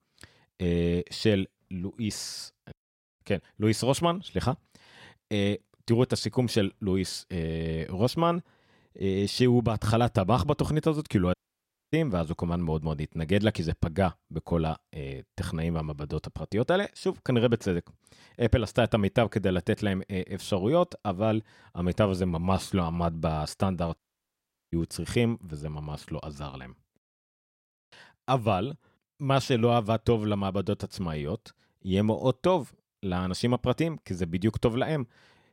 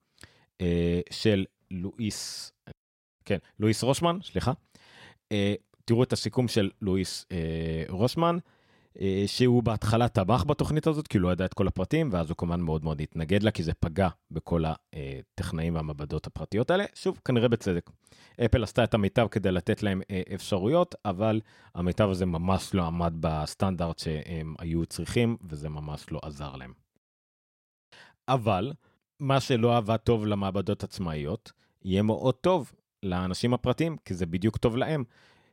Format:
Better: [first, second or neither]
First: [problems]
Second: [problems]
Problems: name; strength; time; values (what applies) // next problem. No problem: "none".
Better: second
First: audio cutting out; at 11 s for 0.5 s and at 24 s for 0.5 s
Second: none